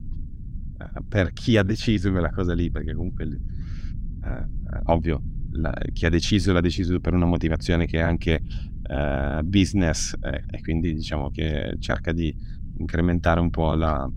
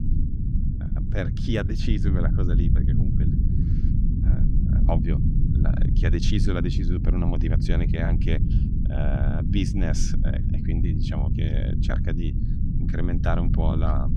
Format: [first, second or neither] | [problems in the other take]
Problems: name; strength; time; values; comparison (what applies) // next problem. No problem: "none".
first | low rumble; loud; throughout; 3 dB below the speech; faint in the first